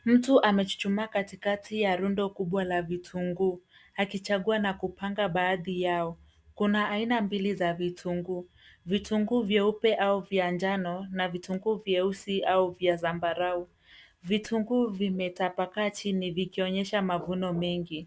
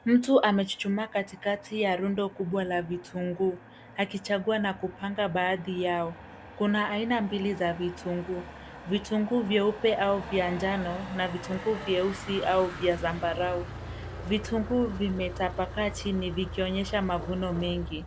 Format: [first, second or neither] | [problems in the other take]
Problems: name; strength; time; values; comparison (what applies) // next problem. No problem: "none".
first | background sound (Motor vehicle (road)); 13 dB below the speech